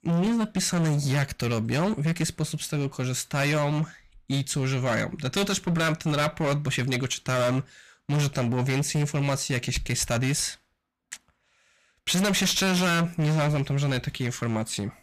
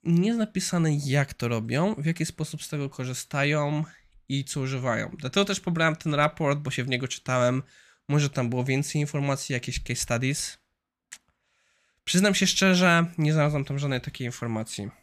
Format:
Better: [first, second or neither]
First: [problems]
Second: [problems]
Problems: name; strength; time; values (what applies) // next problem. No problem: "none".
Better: second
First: distortion; heavy; 19% of the sound clipped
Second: none